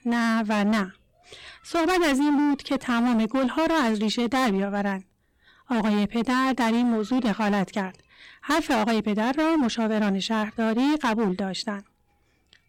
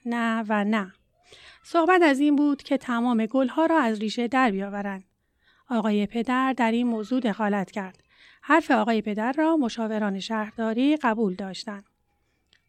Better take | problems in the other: second | distortion; heavy; 24% of the sound clipped

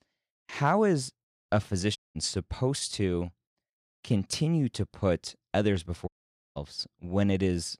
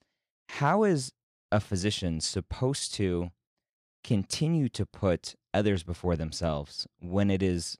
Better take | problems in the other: second | audio cutting out; at 2 s and at 6 s

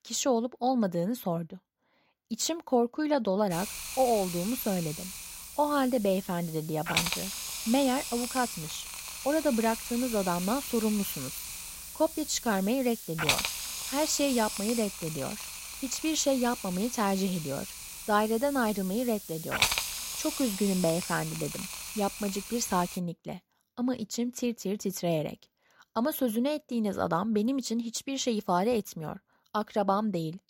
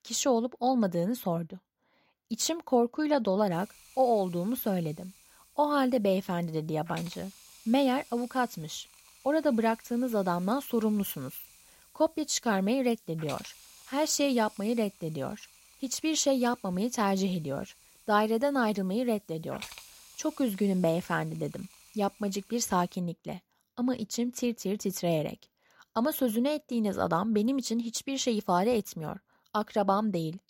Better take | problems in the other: second | hiss; loud; from 3.5 to 23 s; 5 dB below the speech; faint in the second

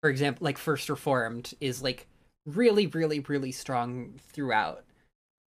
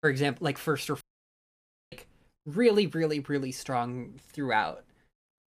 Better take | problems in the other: first | audio cutting out; at 1 s for 1 s

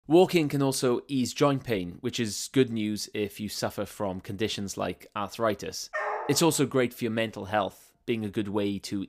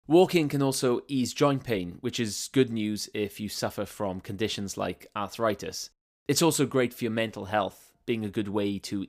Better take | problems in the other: second | dog barking; noticeable; at 6 s; peak 3 dB below the speech

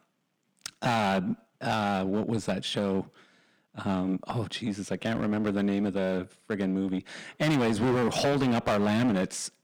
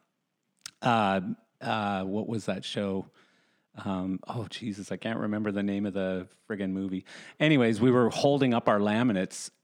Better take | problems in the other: second | distortion; heavy; 12% of the sound clipped

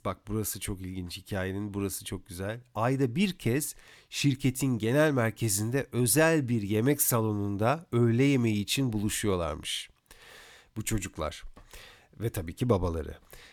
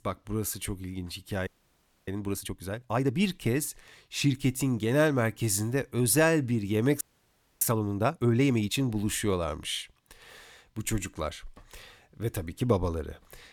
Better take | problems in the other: first | audio freezing; at 1.5 s for 0.5 s and at 7 s for 0.5 s

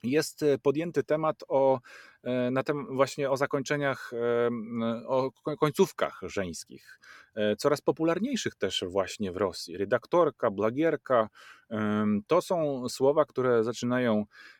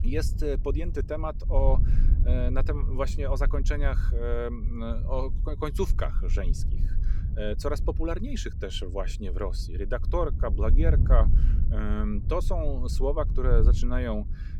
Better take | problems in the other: first | wind noise on the microphone; occasional gusts; 15 dB below the speech

